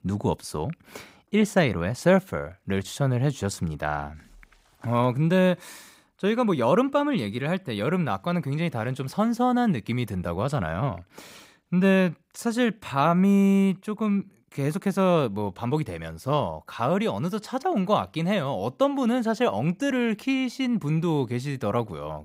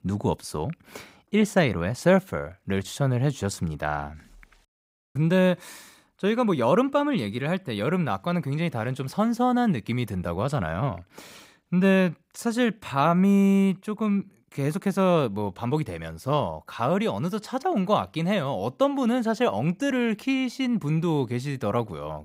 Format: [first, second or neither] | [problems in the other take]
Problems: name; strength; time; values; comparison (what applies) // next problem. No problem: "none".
first | audio cutting out; at 4.5 s for 0.5 s